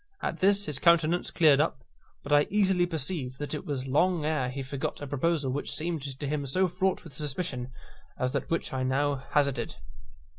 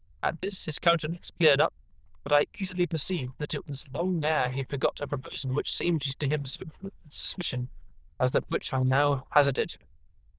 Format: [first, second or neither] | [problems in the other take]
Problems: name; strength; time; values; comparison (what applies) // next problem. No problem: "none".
first | noise reduction (neural diffusion model UNIVERSE++)